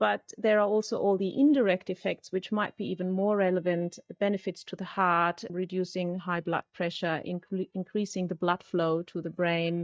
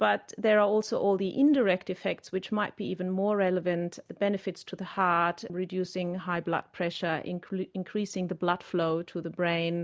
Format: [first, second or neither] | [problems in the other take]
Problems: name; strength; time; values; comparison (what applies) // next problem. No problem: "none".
second | noise reduction (neural mask model DeepFilterNet 3)